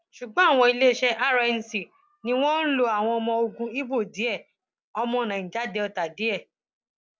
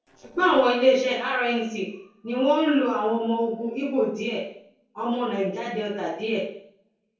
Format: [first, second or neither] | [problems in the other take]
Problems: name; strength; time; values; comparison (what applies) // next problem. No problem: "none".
first | noise reduction (neural separator model SepFormer DNS4)